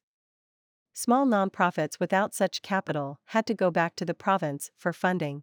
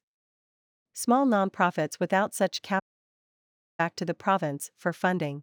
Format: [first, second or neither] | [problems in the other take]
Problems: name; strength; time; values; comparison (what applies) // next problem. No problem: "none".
first | audio cutting out; at 3 s for 1 s